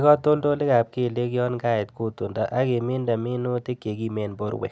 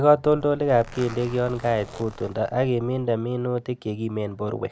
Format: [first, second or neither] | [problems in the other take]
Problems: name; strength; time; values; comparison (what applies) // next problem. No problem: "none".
first | background sound (Zipper (clothing)); 18 dB below the speech